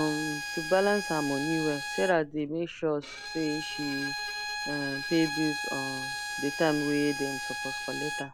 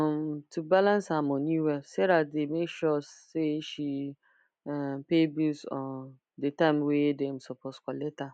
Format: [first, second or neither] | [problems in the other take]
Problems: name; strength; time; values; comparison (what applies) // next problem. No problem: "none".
second | background sound (Bowed string instrument); 5 dB below the speech